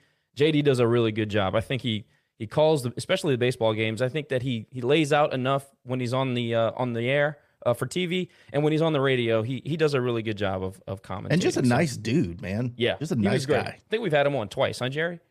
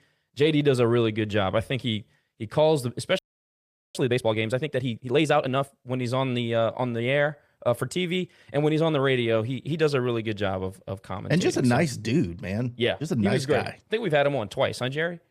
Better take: first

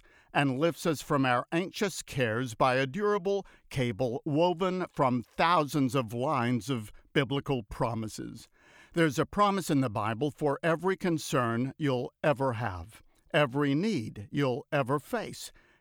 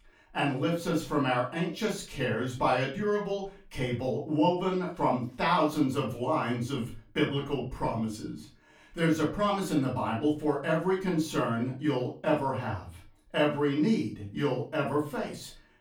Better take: first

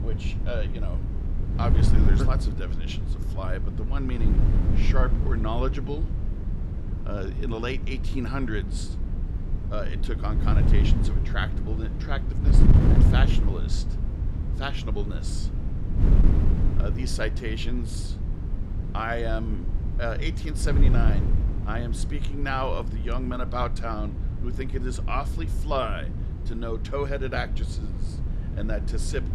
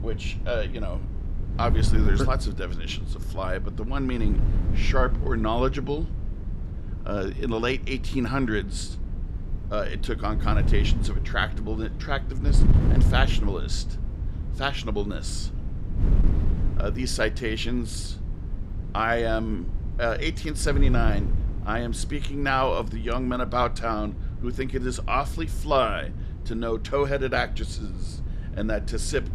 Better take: second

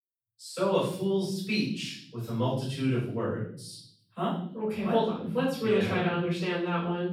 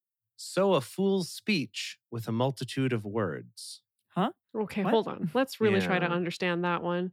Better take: second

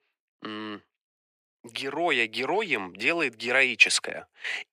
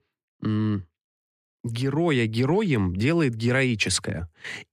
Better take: second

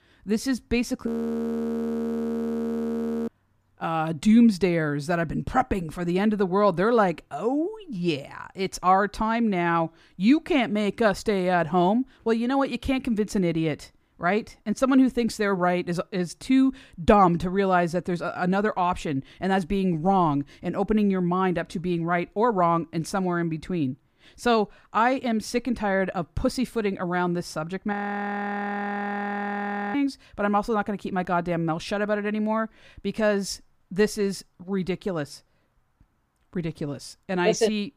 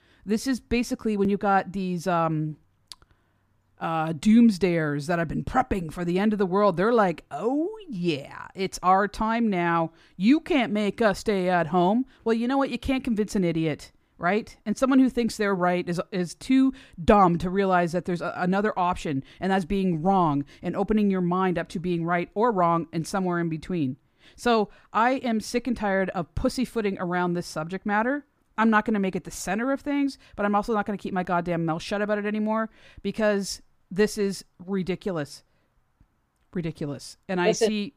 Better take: second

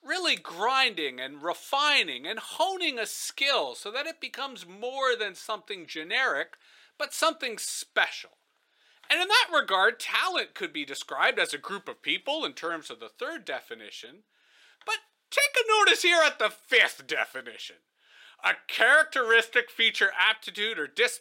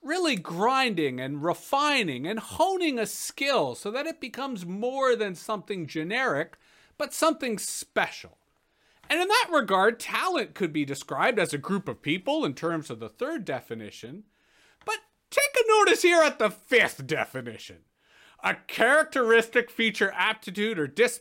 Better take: second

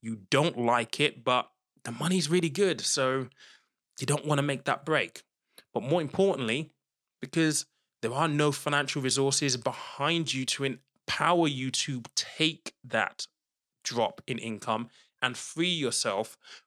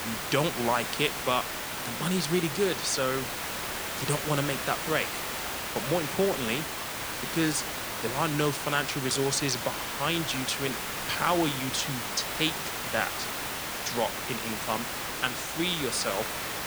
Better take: first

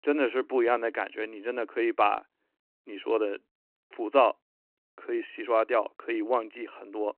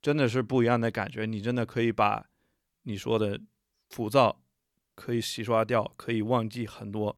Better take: second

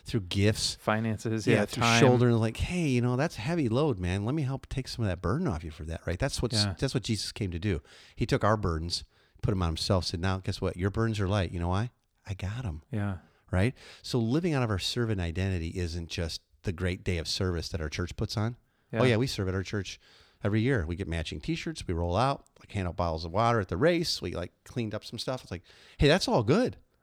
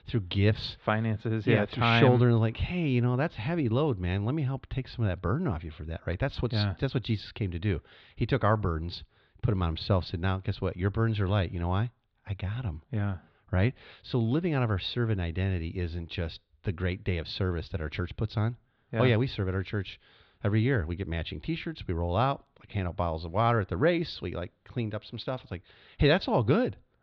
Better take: first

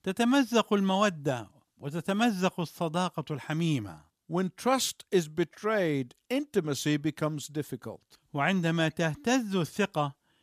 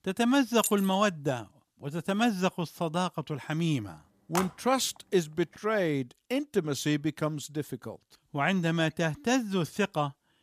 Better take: first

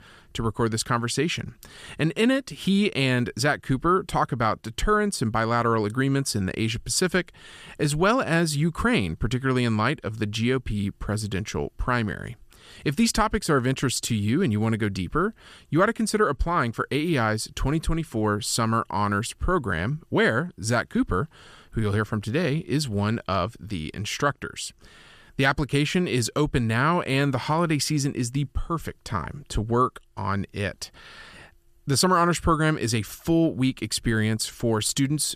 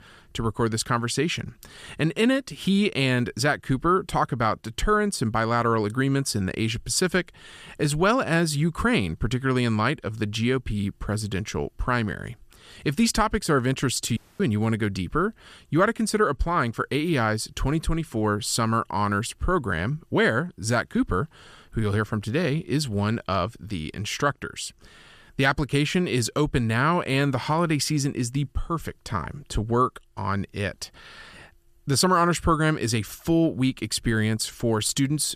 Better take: first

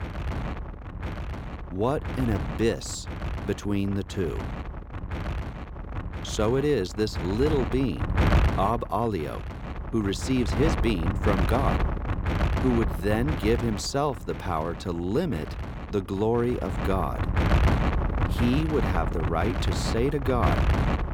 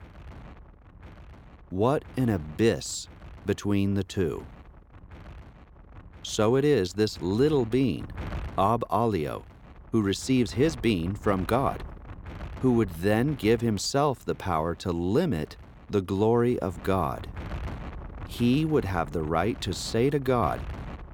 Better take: second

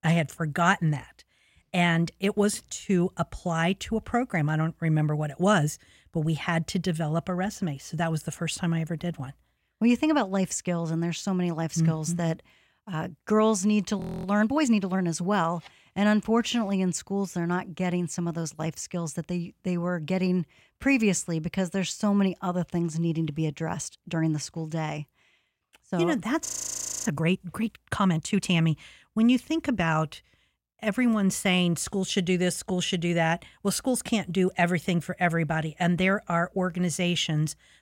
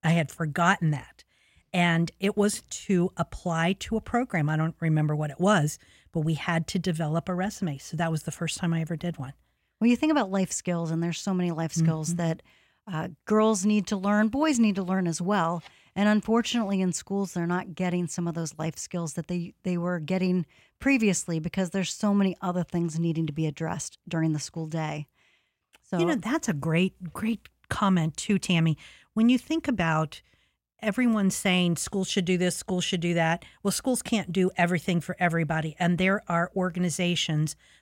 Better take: second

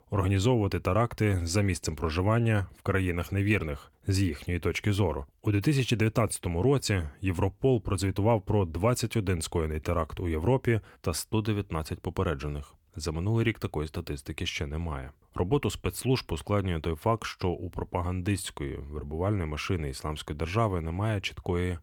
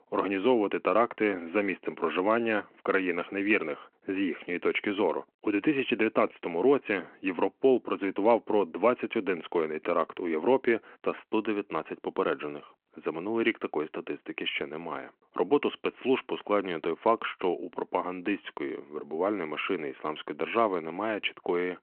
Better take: first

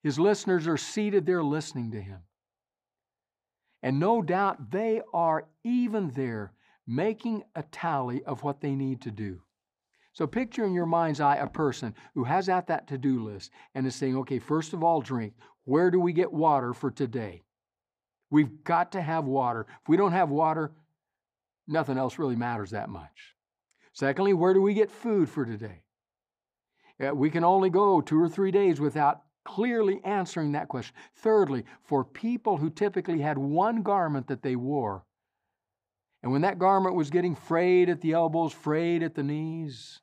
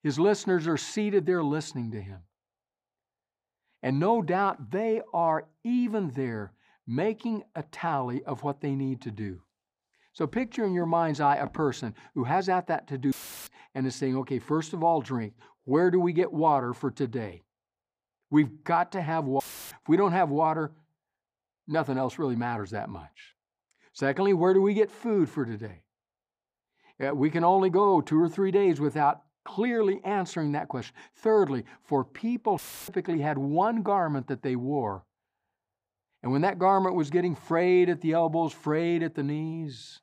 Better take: first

